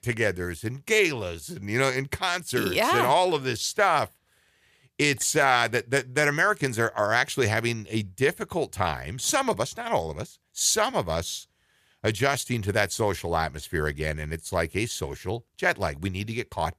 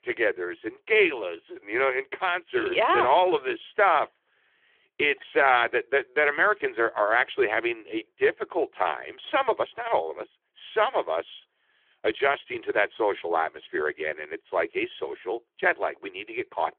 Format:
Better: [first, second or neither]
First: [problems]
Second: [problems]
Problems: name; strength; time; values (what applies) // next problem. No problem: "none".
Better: first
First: none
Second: phone-call audio; nothing above 3.5 kHz